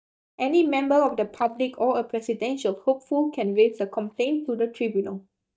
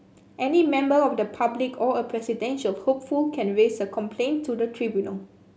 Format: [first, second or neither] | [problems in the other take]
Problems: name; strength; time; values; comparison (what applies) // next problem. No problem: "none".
second | noise reduction (neural mask model DeepFilterNet 3)